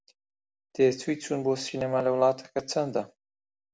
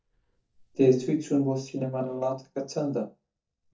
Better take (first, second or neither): first